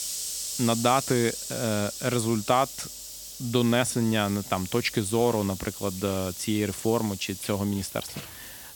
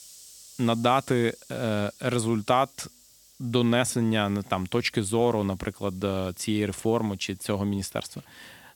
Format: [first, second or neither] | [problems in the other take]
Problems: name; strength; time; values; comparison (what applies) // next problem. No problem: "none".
second | hiss; loud; throughout; 9 dB below the speech; faint in the second